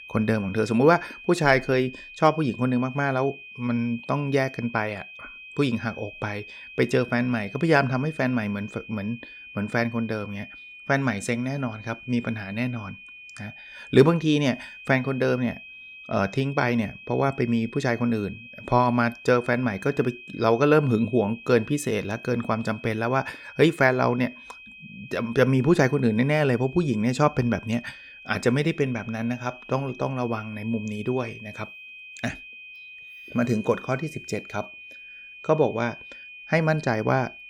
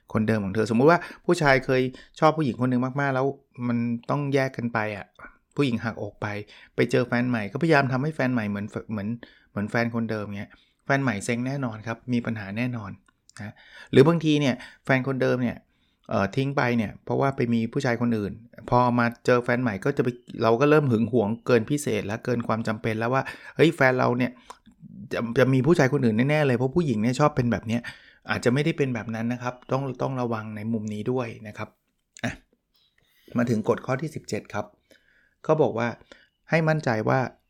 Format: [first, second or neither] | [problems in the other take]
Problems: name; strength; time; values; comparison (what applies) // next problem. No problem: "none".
second | high-pitched whine; noticeable; throughout; 2.5 kHz, 15 dB below the speech